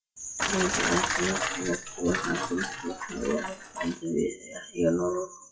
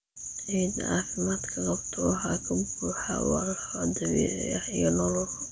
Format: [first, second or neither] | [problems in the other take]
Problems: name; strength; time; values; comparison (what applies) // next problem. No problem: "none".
second | noise reduction (classical method WPE with log-MMSE)